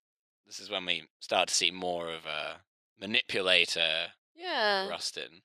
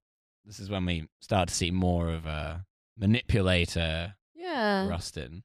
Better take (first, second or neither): second